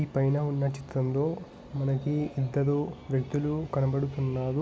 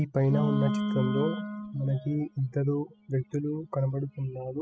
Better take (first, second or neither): first